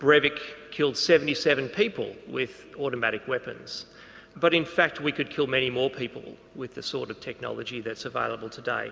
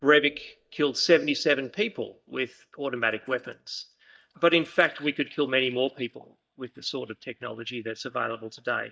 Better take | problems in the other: first | noise reduction (neural mask model DeepFilterNet 3)

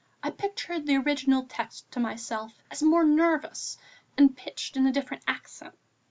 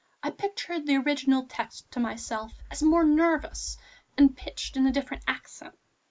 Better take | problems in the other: first | noise reduction (neural mask model Resemble Enhance denoiser)

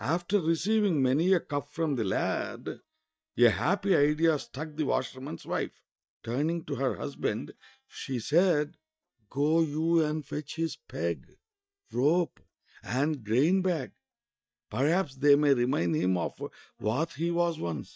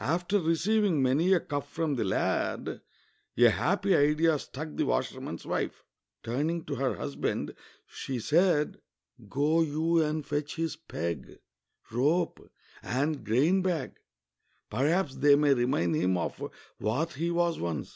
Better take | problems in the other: second | noise reduction (neural mask model DeepFilterNet 3)

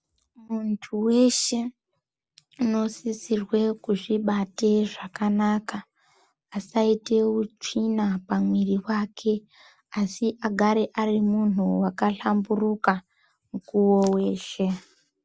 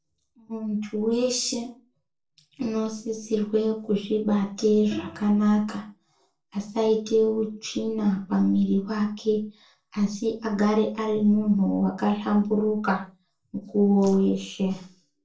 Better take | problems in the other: first | noise reduction (neural separator model SepFormer DNS4)

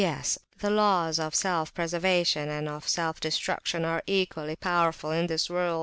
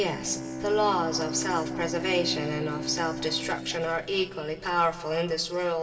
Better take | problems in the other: first | background sound (Bowed string instrument); 7 dB below the speech // room echo; dies away in 1.9 s

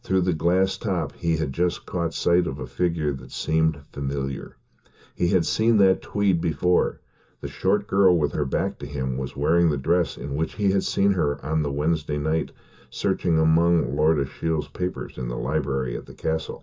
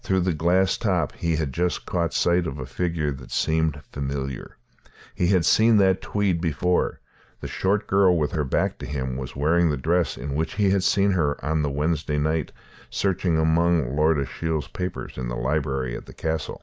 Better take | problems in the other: second | room echo; dies away in 0.2 s

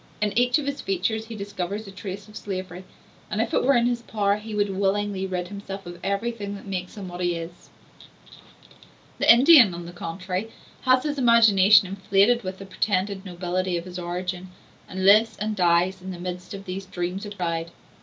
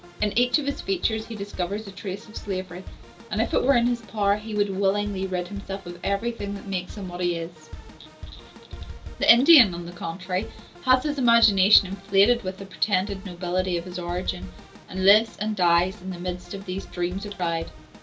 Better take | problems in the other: first | background sound (Drum kit); 15 dB below the speech

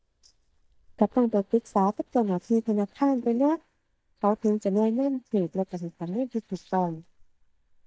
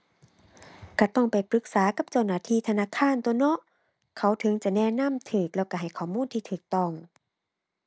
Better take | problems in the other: second | noise reduction (neural mask model DeepFilterNet 3)

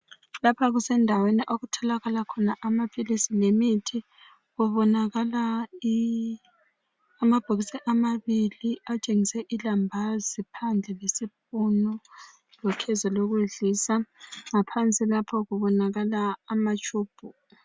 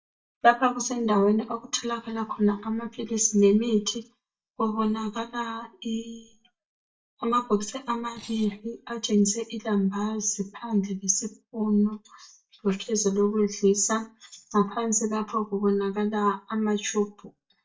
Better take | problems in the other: first | noise reduction (neural mask model DeepFilterNet 3)

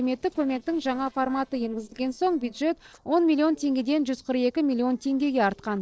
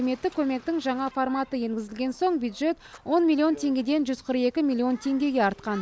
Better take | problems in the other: second | noise reduction (neural separator model SepFormer DNS4)

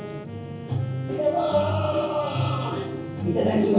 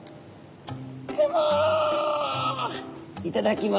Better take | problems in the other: second | background sound (Wind instrument, woodwind instrument); 16 dB below the speech // room echo; dies away in 0.6 s

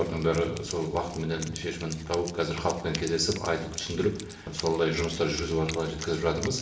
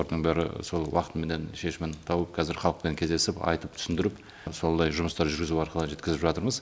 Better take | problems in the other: second | background sound (Wind instrument, woodwind instrument); 14 dB below the speech // room echo; dies away in 0.9 s

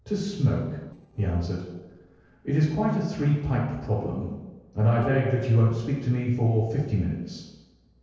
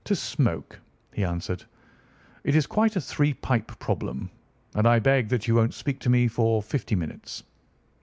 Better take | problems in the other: second | noise reduction (neural separator model SepFormer DNS4)

